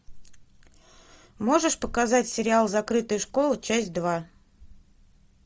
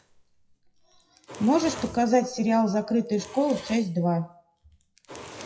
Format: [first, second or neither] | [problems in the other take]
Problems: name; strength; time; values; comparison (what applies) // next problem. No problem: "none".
first | noise reduction (classical method WPE with log-MMSE)